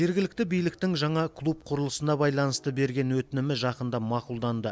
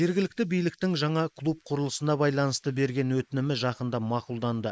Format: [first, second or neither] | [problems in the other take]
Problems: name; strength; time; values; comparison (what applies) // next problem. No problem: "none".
first | noise reduction (neural mask model Resemble Enhance denoiser)